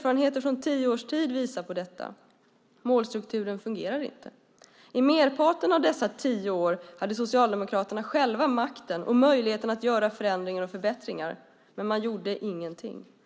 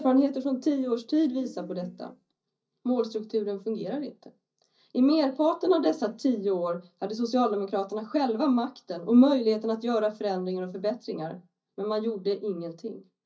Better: first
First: none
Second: noise reduction (neural mask model DeepFilterNet 3)

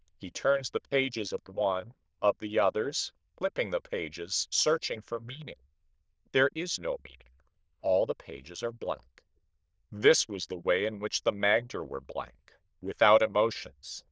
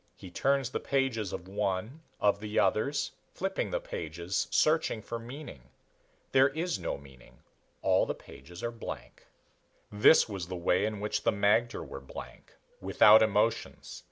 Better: second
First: noise reduction (neural diffusion model UNIVERSE++)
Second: none

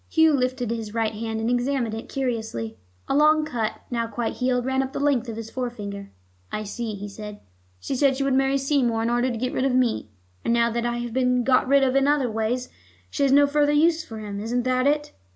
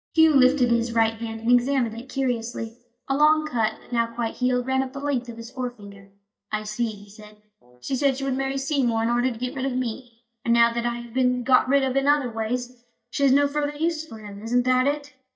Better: first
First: none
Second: noise reduction (neural mask model DeepFilterNet 3)

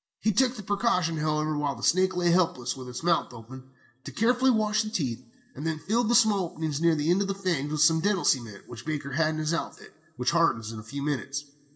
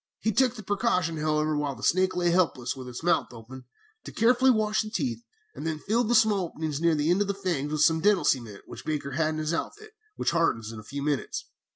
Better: second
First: room echo; dies away in 0.5 s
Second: none

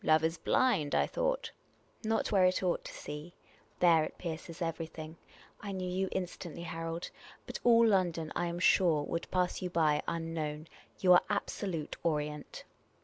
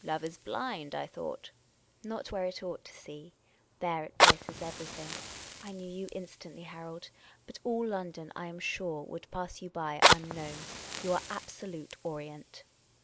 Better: first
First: none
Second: background sound (Fire); 3 dB above the speech

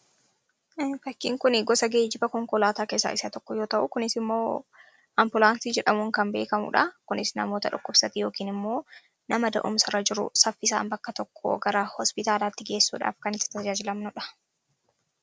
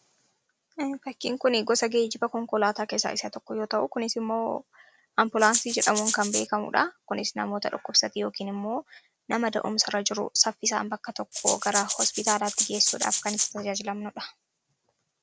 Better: first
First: none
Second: background sound (Rattle (instrument)); as loud as the speech

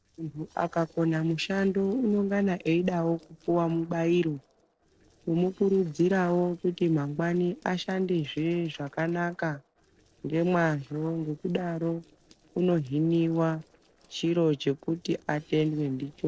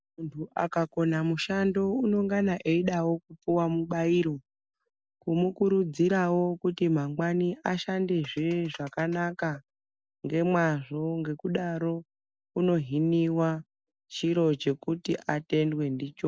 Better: second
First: noise reduction (neural separator model SepFormer DNS4)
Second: none

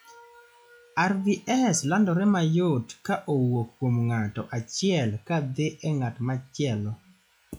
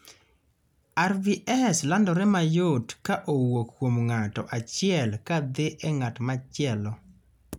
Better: second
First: noise reduction (classical method log-MMSE)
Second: none

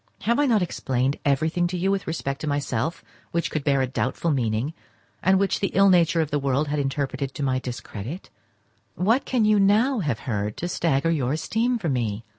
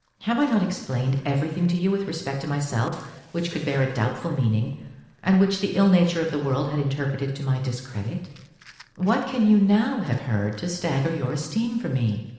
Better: first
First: none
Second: noise reduction (neural separator model SepFormer DNS4)

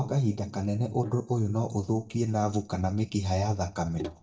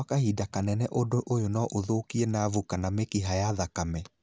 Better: second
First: noise reduction (neural mask model DeepFilterNet 3)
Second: none

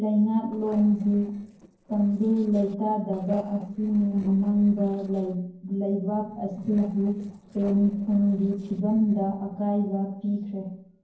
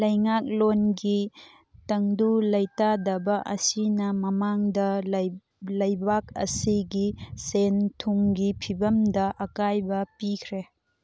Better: second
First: noise reduction (neural separator model SepFormer DNS4)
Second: none

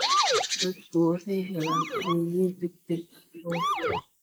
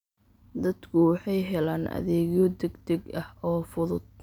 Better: second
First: noise reduction (neural mask model Resemble Enhance denoiser)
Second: none

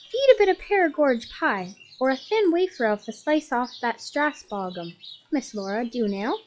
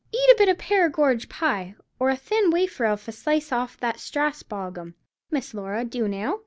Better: second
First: noise reduction (classical method log-MMSE)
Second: none

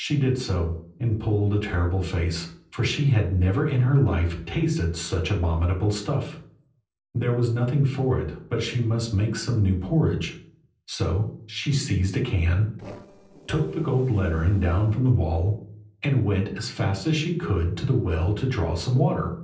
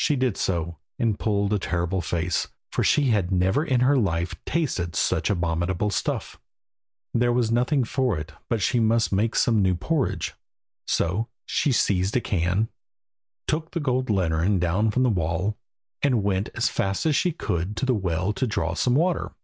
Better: second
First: noise reduction (neural separator model SepFormer DNS4)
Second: none

